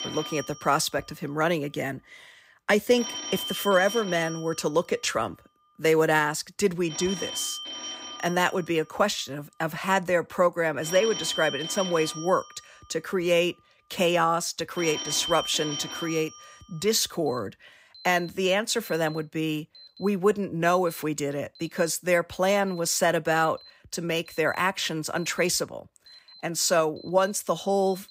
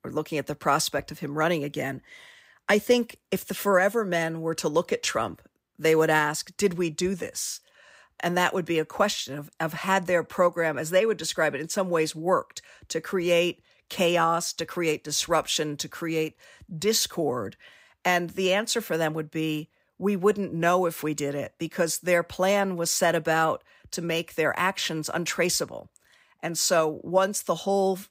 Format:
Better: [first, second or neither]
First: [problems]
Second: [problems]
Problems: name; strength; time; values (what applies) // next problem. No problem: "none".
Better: second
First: alarms or sirens; loud; throughout; 9 dB below the speech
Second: none